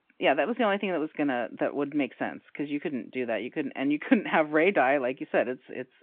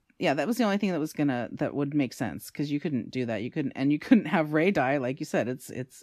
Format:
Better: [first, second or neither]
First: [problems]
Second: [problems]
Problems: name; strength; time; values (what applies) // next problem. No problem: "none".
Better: second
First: phone-call audio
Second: none